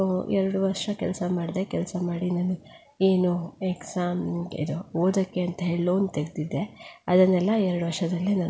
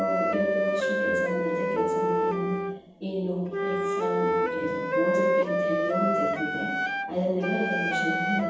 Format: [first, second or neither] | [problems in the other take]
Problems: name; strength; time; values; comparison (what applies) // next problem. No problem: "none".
first | background sound (Wind instrument, woodwind instrument); 4 dB above the speech // room echo; dies away in 1.1 s